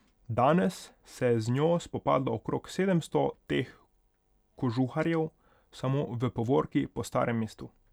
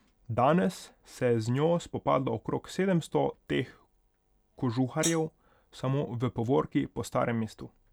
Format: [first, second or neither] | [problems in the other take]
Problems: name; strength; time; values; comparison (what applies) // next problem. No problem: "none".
first | background sound (Hi-hat); 6 dB below the speech